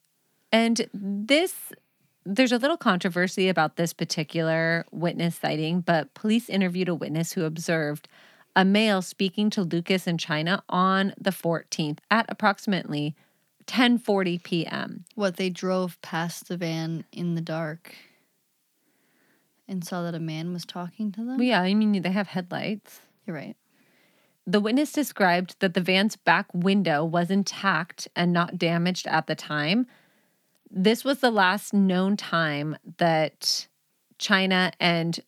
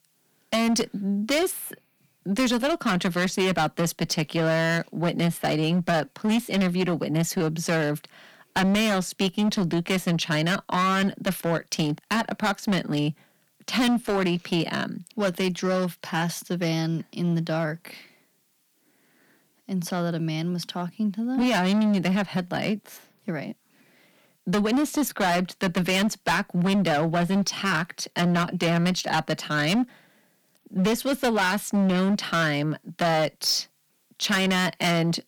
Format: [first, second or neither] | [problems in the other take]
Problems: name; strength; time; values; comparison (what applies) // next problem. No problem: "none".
first | distortion; heavy; 13% of the sound clipped